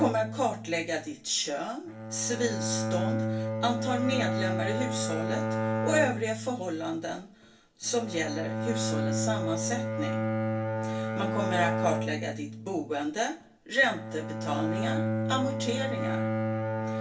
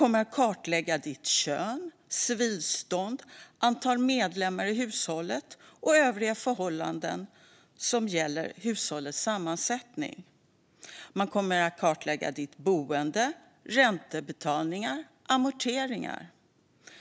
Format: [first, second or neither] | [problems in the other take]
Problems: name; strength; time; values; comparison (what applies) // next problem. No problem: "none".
second | background sound (Bowed string instrument); as loud as the speech // room echo; dies away in 0.3 s